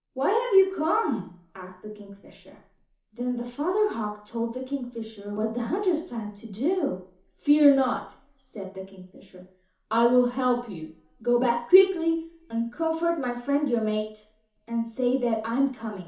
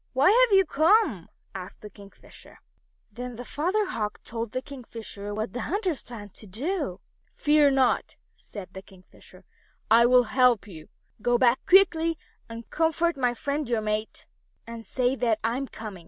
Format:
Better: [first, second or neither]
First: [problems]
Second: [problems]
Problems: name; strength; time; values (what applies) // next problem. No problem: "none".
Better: second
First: room echo; dies away in 0.9 s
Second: none